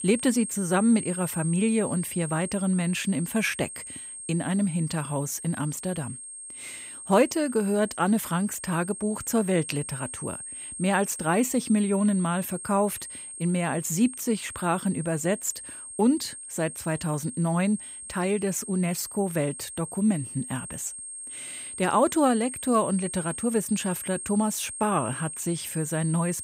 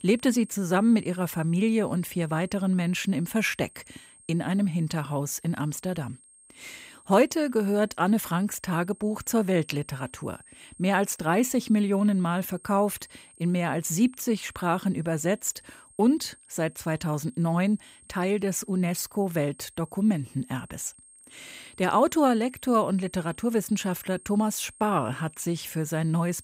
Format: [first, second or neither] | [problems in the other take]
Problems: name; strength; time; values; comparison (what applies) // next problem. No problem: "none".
second | high-pitched whine; loud; throughout; 8.5 kHz, 9 dB below the speech; faint in the second